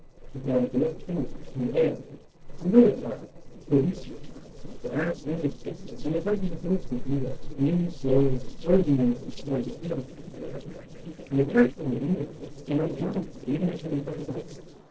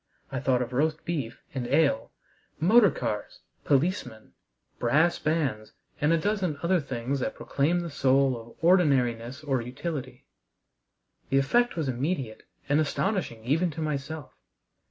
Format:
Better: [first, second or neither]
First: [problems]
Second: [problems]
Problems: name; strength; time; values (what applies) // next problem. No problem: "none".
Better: second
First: noise reduction (neural separator model SepFormer DNS4)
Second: none